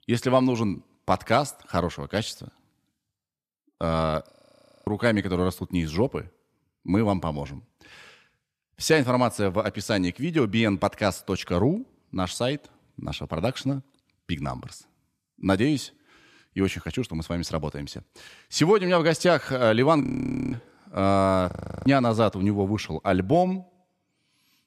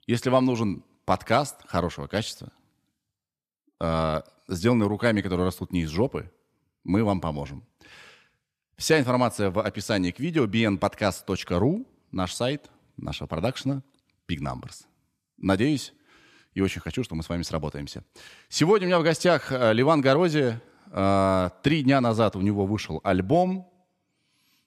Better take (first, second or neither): second